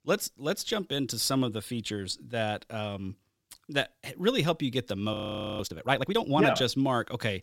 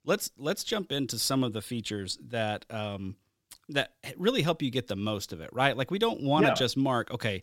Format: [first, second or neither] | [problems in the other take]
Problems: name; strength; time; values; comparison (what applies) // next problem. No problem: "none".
second | audio freezing; at 5 s